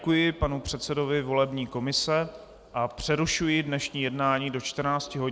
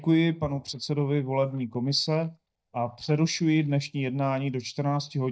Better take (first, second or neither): first